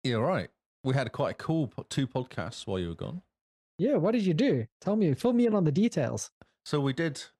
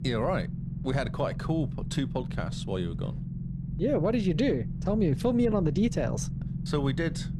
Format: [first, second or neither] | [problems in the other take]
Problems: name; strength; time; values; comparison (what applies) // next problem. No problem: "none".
first | low rumble; noticeable; throughout; 15 dB below the speech